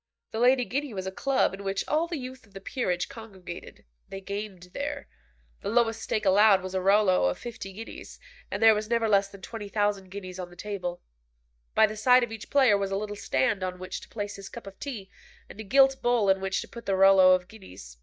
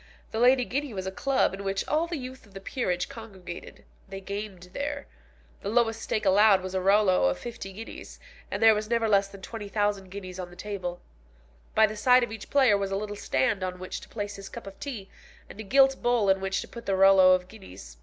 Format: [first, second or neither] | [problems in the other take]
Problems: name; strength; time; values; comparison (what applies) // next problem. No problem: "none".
second | noise reduction (neural mask model DeepFilterNet 3)